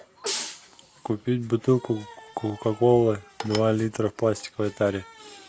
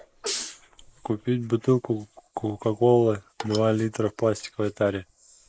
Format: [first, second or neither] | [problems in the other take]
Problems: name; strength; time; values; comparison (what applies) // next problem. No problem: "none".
first | noise reduction (neural mask model Resemble Enhance denoiser)